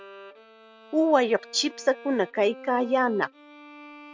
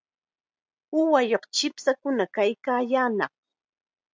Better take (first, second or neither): second